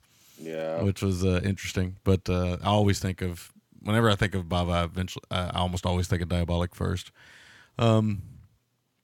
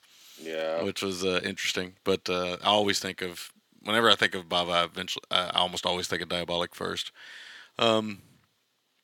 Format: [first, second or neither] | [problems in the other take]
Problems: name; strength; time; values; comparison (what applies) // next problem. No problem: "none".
first | thin; somewhat; fading below 300 Hz